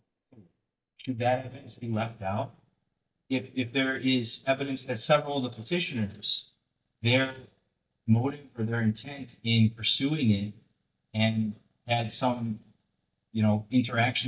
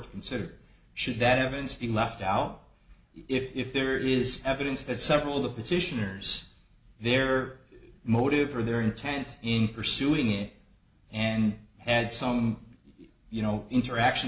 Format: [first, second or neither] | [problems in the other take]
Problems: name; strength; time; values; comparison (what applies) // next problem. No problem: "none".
second | noise reduction (neural mask model DeepFilterNet 3)